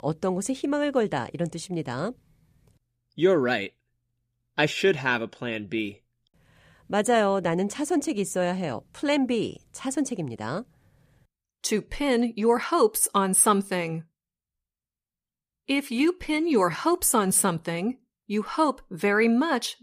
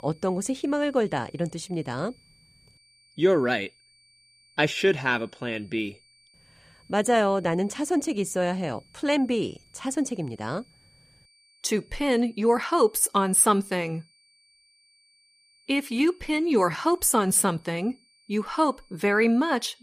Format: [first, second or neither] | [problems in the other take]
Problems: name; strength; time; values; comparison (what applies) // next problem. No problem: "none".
first | high-pitched whine; faint; throughout; 4.5 kHz, 35 dB below the speech